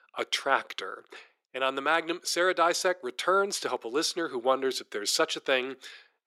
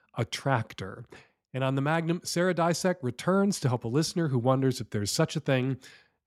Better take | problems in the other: second | thin; very; fading below 350 Hz

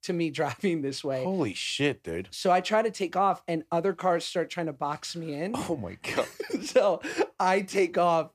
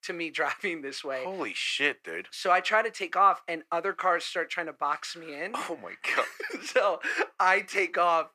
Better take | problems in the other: first | thin; somewhat; fading below 400 Hz

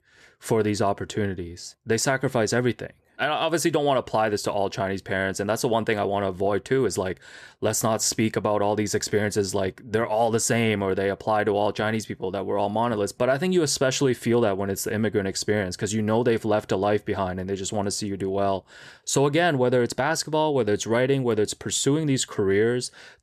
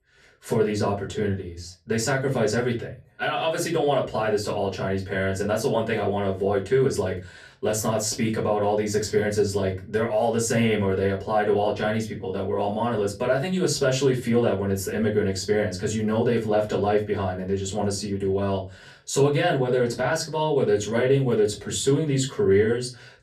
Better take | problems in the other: first | off-mic speech; far // room echo; very slight; dies away in 0.3 s

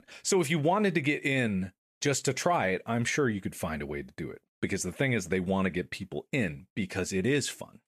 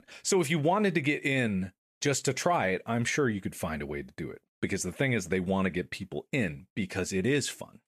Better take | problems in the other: neither | none

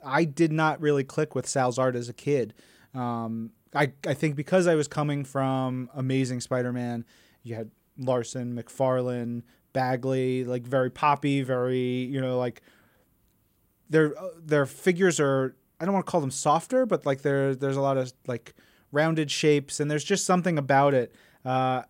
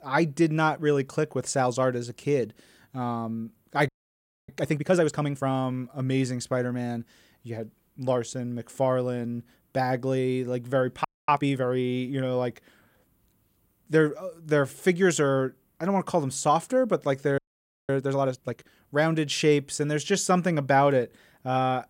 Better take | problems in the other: first | audio freezing; at 4 s for 0.5 s, at 11 s and at 17 s for 0.5 s

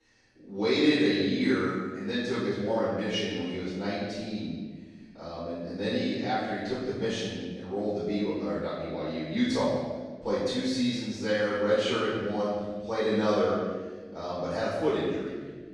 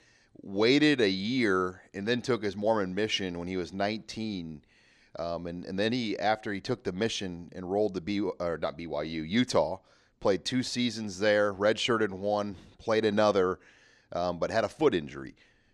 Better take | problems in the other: second | off-mic speech; far // room echo; strong; dies away in 1.3 s

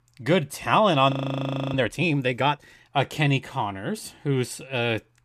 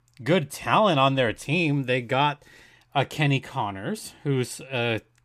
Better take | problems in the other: second | audio freezing; at 1 s for 0.5 s

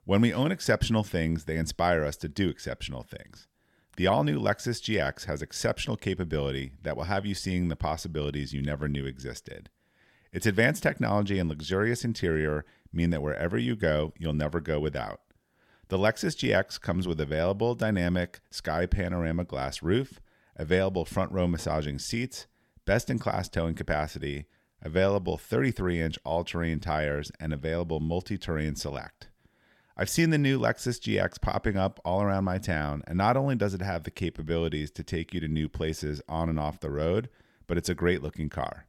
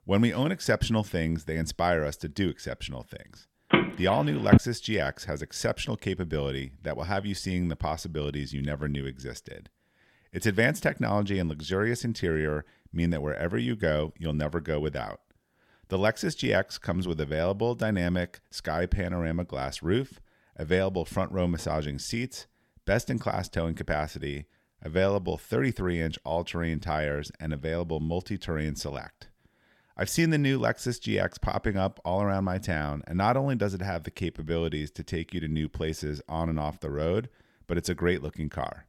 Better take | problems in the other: first | phone ringing; loud; at 3.5 s; peak 7 dB above the speech

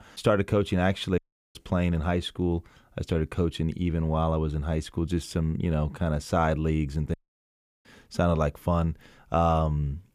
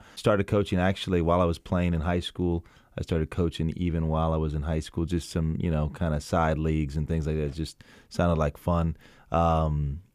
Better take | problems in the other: second | audio cutting out; at 1 s and at 7 s for 0.5 s

